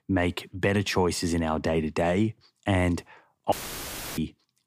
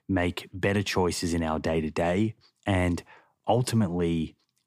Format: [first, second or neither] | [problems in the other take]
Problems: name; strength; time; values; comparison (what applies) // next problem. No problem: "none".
second | audio cutting out; filled with static; at 3.5 s for 0.5 s